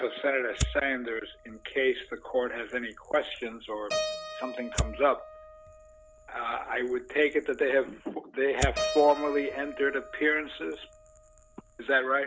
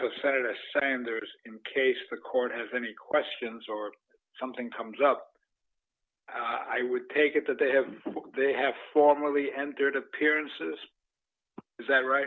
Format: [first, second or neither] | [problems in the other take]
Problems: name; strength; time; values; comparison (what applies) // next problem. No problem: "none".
second | background sound (Keyboard (musical) + Fire); 9 dB below the speech